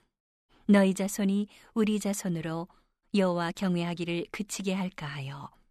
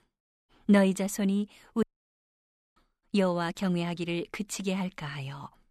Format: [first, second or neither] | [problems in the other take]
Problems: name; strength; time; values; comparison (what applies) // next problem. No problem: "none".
first | audio cutting out; at 2 s for 1 s